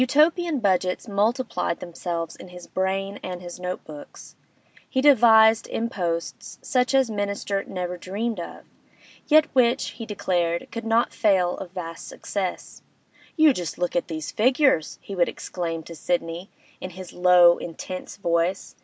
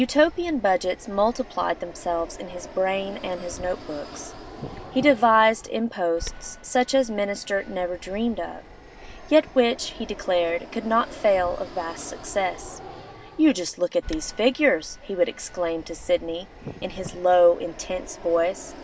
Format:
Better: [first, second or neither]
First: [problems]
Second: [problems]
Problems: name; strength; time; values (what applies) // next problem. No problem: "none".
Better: first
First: none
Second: background sound (Fixed-wing aircraft, airplane + Wind); 16 dB below the speech